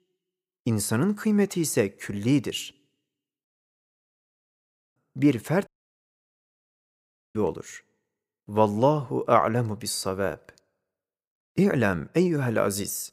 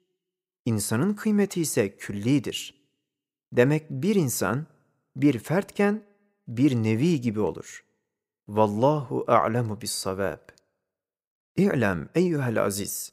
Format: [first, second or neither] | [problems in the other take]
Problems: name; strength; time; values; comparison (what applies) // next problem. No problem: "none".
second | audio cutting out; at 3.5 s for 1.5 s and at 5.5 s for 1.5 s